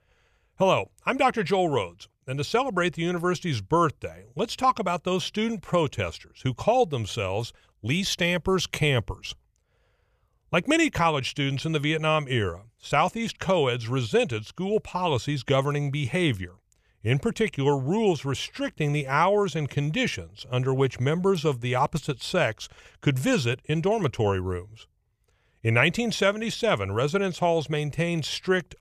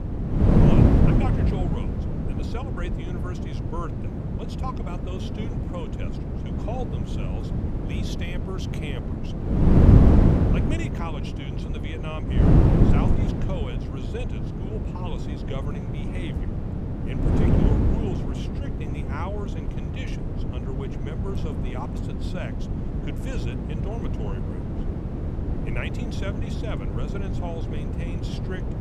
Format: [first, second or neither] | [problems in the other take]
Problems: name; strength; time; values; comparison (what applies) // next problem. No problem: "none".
first | wind noise on the microphone; heavy; 5 dB above the speech